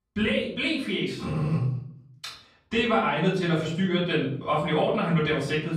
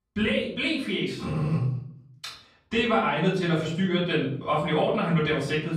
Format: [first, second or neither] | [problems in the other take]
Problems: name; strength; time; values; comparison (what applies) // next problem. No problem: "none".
neither | room echo; noticeable; dies away in 0.6 s; the same in both // off-mic speech; far; the same in both